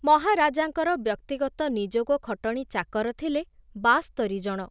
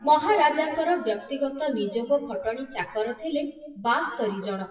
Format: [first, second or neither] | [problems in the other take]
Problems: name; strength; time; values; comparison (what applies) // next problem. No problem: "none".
first | noise reduction (classical method WPE with log-MMSE)